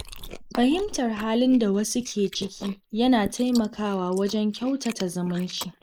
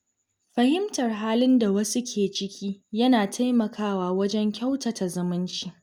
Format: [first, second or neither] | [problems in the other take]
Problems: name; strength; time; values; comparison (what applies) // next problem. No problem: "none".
second | noise reduction (neural mask model Resemble Enhance denoiser)